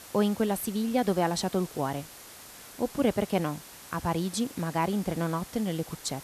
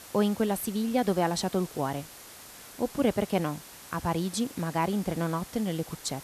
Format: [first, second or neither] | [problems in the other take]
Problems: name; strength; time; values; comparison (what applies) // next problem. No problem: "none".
neither | hiss; noticeable; throughout; 15 dB below the speech; the same in both